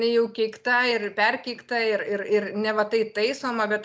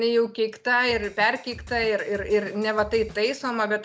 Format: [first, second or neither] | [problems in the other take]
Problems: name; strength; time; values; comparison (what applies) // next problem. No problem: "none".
first | background sound (Drum kit); 19 dB below the speech